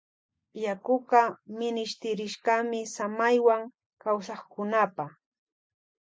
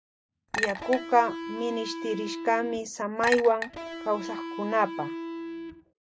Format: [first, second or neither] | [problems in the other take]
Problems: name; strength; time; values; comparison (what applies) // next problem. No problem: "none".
first | background sound (Electric guitar + Chink, clink); 6 dB below the speech